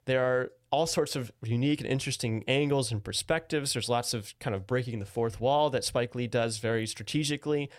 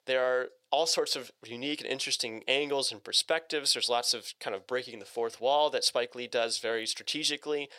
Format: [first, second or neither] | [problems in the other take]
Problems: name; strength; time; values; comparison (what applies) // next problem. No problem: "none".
first | thin; somewhat; fading below 500 Hz